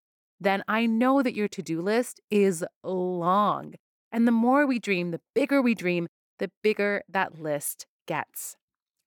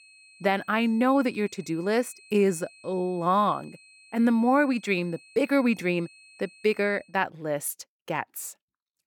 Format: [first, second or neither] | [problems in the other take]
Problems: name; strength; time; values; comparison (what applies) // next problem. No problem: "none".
first | high-pitched whine; faint; until 7 s; 2.5 kHz, 25 dB below the speech